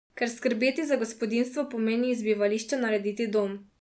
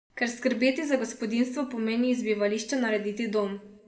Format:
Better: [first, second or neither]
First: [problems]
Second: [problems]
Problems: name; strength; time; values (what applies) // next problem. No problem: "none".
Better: first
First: none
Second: room echo; dies away in 1.5 s